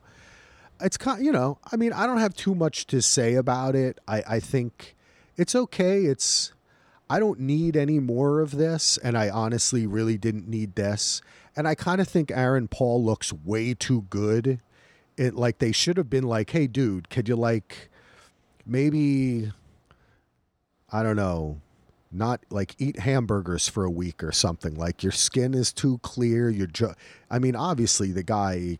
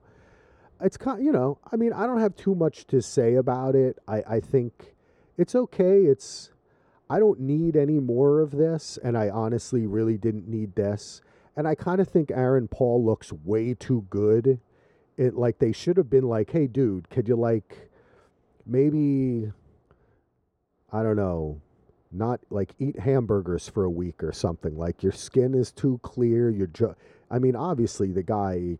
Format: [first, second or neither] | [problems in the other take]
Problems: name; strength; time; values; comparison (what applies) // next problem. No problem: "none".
first | muffled; very; fading above 1.5 kHz